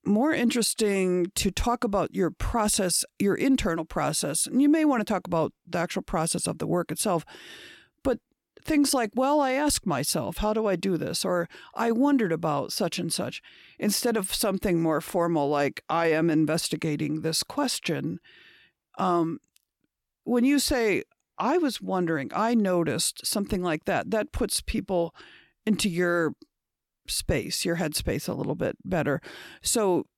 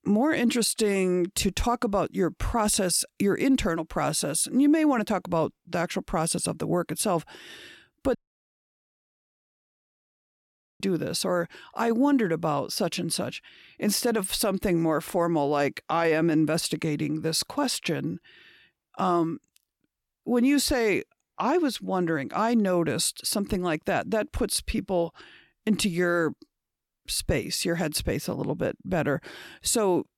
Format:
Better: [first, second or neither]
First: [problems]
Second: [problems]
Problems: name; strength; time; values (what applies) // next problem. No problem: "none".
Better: first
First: none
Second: audio cutting out; at 8 s for 2.5 s